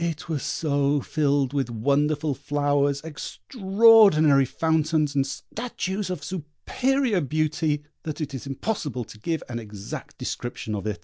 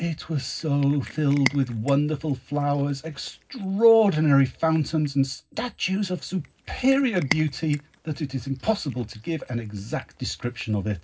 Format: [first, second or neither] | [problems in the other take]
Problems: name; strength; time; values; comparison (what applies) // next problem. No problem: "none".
first | background sound (Cat); 16 dB below the speech // room echo; dies away in 0.4 s